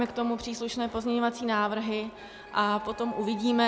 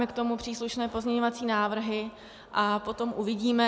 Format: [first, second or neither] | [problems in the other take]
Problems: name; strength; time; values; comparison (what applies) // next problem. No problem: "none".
second | background sound (Printer); 15 dB below the speech